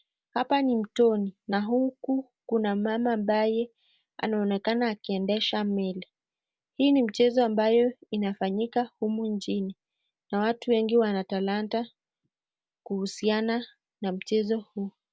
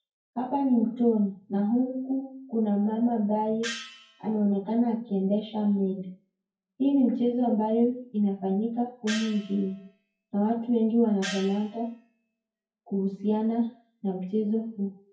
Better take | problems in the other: first | noise reduction (classical method WPE with log-MMSE)

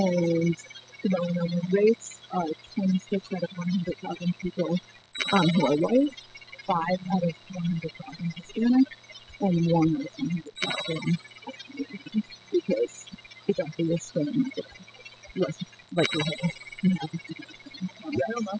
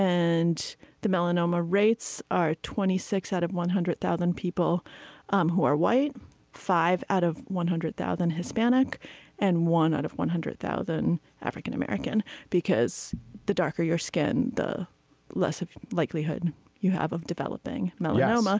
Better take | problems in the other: second | noise reduction (classical method spectral subtraction)

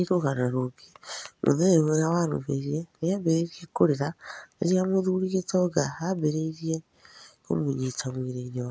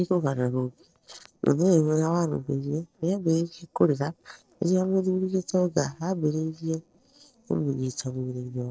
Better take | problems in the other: first | noise reduction (neural separator model SepFormer DNS4)

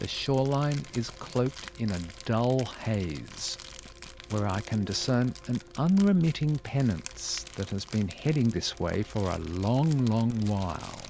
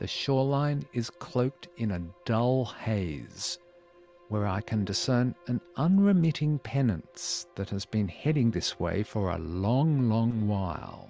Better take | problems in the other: second | background sound (Crumpling, crinkling); 18 dB below the speech

